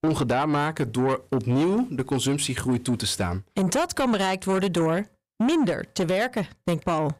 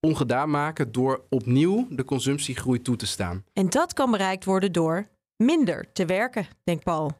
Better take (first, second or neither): second